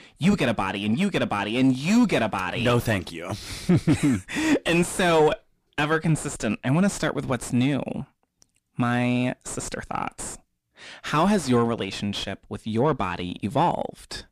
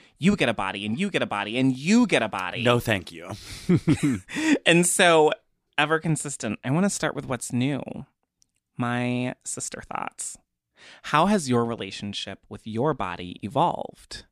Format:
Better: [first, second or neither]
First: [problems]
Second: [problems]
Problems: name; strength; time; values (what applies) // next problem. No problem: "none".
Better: second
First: distortion; heavy; 6 dB below the speech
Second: none